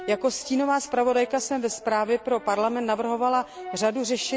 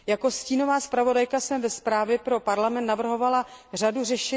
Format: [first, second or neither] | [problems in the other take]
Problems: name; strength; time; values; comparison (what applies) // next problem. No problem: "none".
second | background sound (Brass instrument); 18 dB below the speech